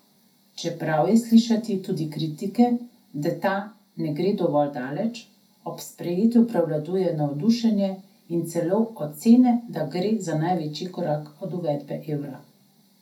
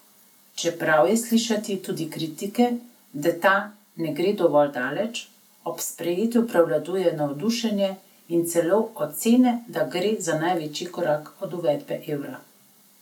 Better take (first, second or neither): second